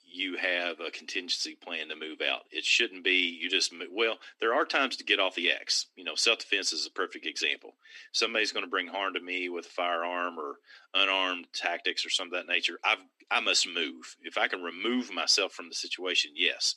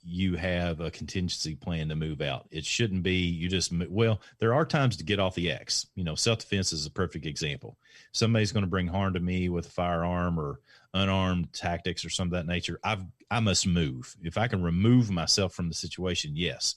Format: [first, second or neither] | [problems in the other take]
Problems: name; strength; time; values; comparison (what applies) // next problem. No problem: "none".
second | thin; very; fading below 250 Hz